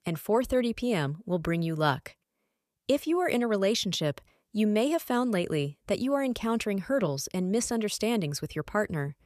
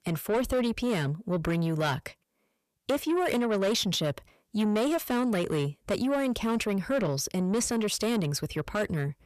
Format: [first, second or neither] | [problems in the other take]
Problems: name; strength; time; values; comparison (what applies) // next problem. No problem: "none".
first | distortion; slight; 10 dB below the speech